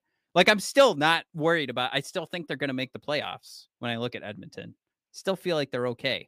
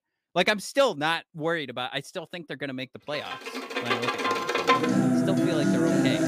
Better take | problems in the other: first | background music; very loud; from 3.5 s on; 4 dB above the speech

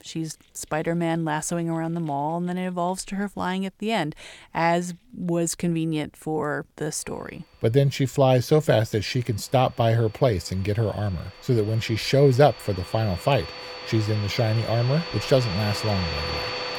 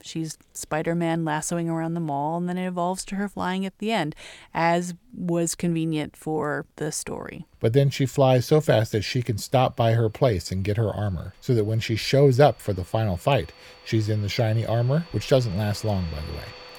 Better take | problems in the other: second | household noises; loud; throughout; 9 dB below the speech; faint in the second

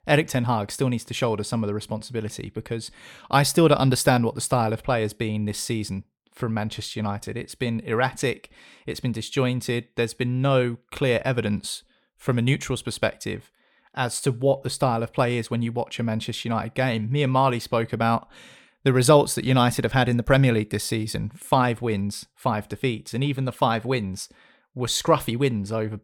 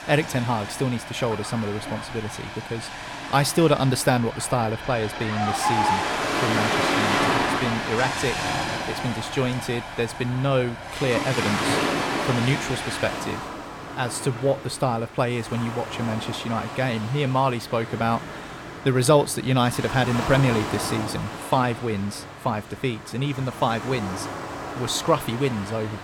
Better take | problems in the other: first | rain or running water; loud; throughout; 3 dB below the speech

